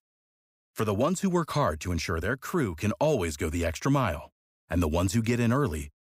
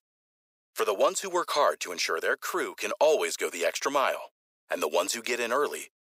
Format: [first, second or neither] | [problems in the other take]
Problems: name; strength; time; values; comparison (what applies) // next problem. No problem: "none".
first | thin; very; fading below 450 Hz